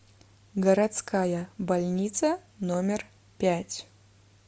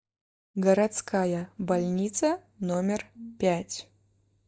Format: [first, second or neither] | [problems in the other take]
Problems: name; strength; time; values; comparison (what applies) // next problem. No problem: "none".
first | noise reduction (neural mask model DeepFilterNet 3)